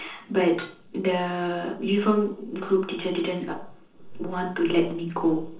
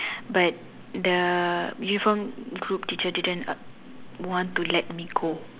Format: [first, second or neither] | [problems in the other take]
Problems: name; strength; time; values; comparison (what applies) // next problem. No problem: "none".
second | noise reduction (neural separator model SepFormer DNS4)